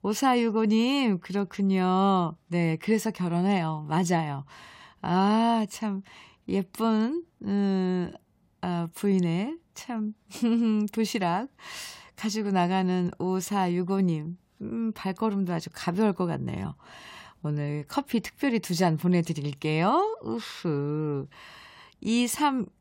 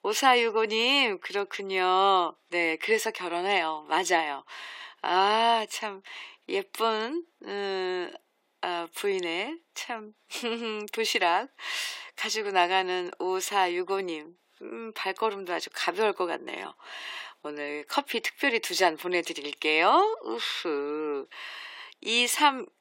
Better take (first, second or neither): first